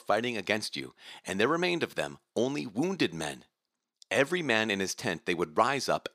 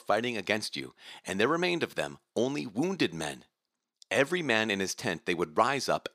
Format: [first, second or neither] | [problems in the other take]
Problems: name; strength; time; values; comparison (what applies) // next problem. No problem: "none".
neither | thin; somewhat; fading below 350 Hz; the same in both